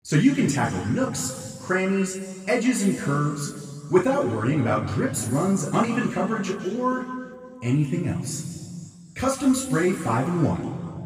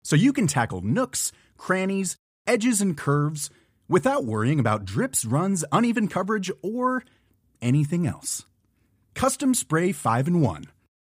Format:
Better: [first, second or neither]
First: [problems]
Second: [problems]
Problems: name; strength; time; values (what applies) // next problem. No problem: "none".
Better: second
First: room echo; noticeable; dies away in 2.1 s // off-mic speech; far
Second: none